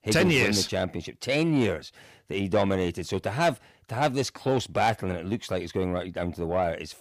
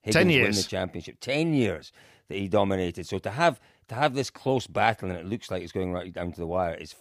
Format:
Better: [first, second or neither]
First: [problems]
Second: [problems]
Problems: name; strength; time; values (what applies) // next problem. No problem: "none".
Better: second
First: distortion; slight; 10 dB below the speech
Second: none